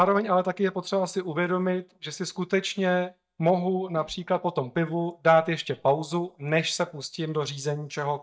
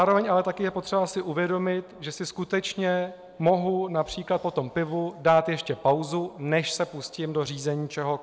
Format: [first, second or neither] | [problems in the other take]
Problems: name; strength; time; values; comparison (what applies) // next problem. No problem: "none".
second | noise reduction (neural mask model DeepFilterNet 3)